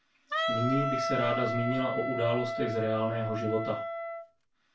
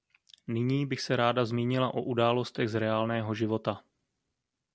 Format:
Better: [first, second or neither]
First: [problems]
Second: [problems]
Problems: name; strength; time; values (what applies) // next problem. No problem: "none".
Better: second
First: background sound (Wind instrument, woodwind instrument); 1 dB below the speech // room echo; dies away in 0.2 s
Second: none